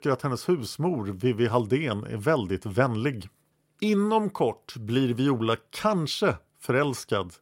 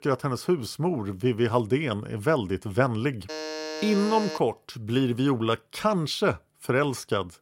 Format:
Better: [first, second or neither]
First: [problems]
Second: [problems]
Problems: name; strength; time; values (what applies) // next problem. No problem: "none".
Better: first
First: none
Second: alarm; noticeable; from 3.5 to 4.5 s; peak 7 dB below the speech